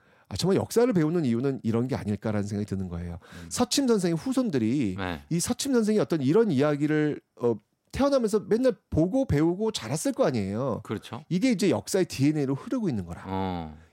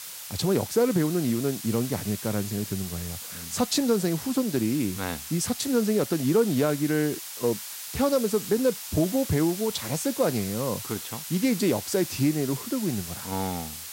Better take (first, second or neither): first